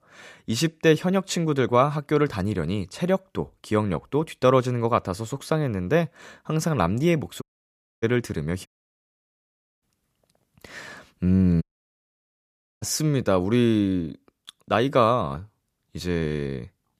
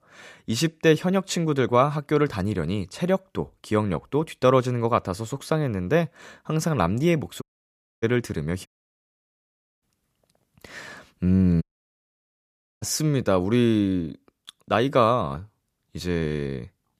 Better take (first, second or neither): neither